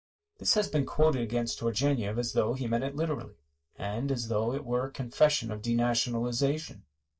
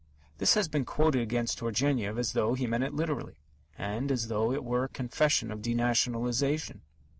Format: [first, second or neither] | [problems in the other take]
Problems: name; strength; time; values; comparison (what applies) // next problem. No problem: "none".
second | noise reduction (neural mask model DeepFilterNet 3)